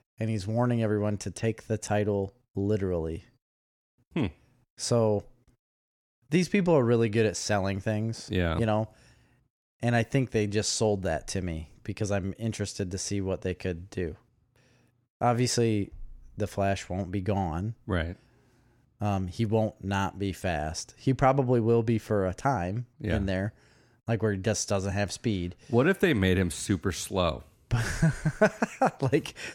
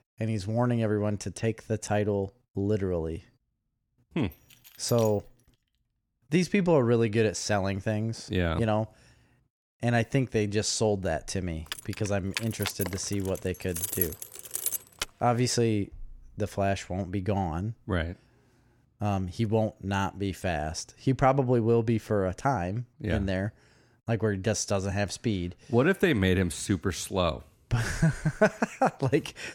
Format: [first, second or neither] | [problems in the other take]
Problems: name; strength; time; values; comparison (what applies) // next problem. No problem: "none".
first | jangling keys; faint; at 4.5 s; peak 15 dB below the speech // jangling keys; noticeable; from 12 to 15 s; peak level with the speech